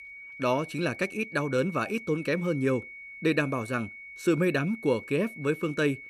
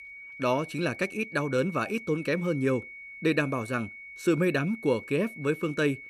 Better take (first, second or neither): neither